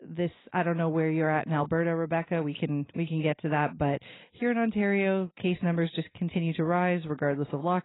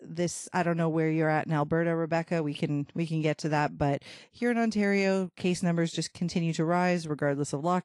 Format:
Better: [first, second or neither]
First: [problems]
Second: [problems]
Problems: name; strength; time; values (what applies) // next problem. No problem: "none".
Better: second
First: garbled, watery; badly; nothing above 4 kHz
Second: garbled, watery; slightly; nothing above 11 kHz